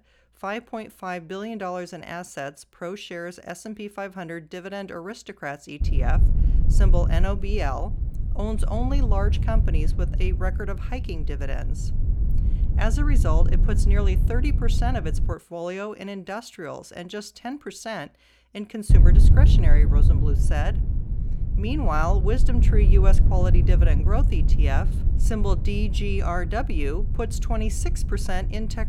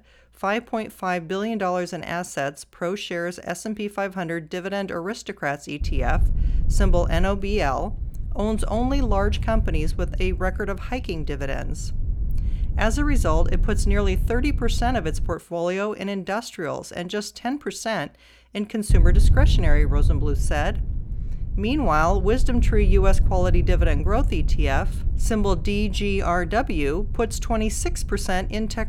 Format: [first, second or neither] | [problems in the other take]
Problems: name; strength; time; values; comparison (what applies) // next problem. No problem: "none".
second | wind noise on the microphone; heavy; from 6 to 15 s and from 19 s on; 8 dB below the speech; occasional gusts in the second